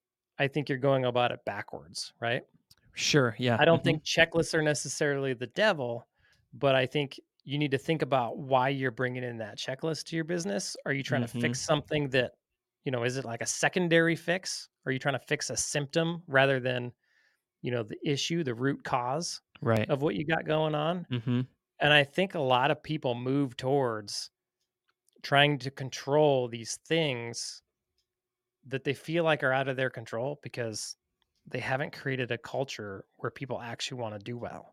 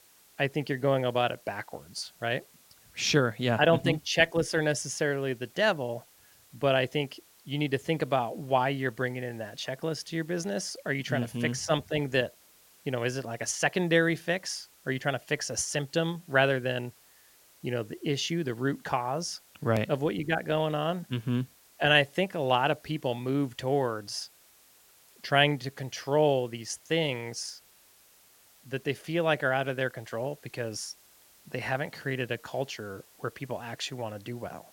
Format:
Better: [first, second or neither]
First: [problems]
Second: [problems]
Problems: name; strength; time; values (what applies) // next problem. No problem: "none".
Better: first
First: none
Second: hiss; faint; throughout; 25 dB below the speech